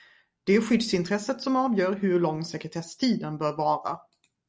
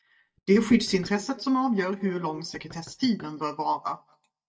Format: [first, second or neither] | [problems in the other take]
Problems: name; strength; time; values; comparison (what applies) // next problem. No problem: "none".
first | noise reduction (neural mask model DeepFilterNet 3)